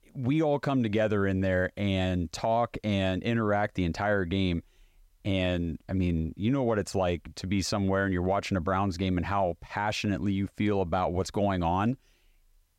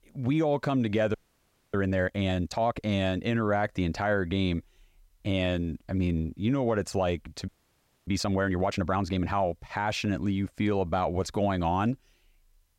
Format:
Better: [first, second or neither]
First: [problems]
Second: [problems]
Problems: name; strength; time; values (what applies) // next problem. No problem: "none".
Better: first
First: none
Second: audio freezing; at 1 s for 0.5 s and at 7.5 s for 0.5 s